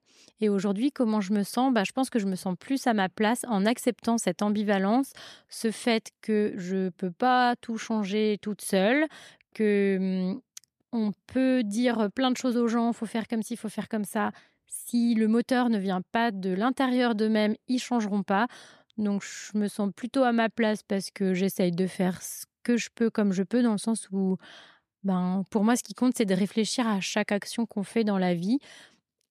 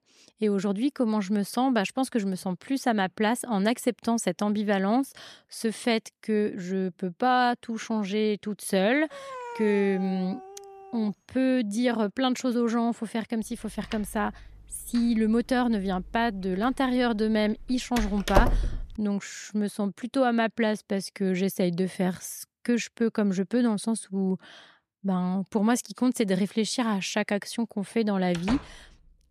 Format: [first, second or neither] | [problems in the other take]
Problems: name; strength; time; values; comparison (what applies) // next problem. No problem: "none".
first | dog barking; faint; from 9 to 11 s; peak 10 dB below the speech // door banging; loud; at 18 s; peak 2 dB above the speech // door banging; noticeable; at 28 s; peak 8 dB below the speech